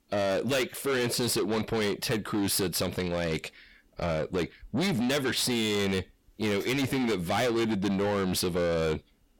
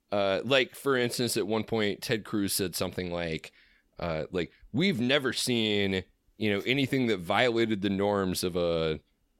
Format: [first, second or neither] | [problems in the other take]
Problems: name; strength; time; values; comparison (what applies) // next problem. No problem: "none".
second | distortion; heavy; 6 dB below the speech